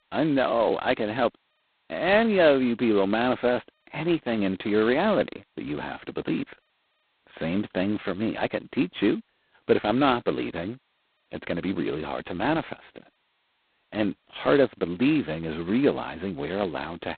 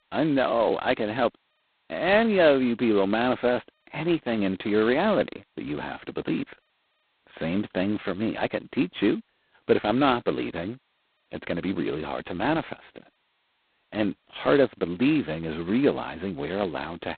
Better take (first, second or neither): neither